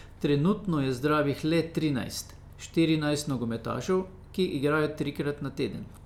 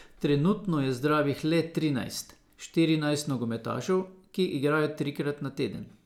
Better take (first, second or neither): second